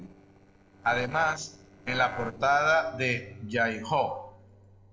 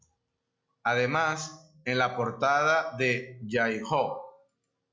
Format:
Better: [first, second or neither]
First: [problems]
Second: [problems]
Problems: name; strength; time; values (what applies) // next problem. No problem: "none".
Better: second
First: noise reduction (neural separator model SepFormer DNS4)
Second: none